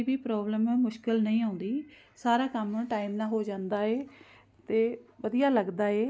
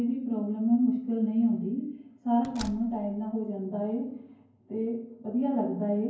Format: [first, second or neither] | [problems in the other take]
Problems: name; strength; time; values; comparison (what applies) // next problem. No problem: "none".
first | background sound (Slam); 18 dB below the speech // room echo; dies away in 0.9 s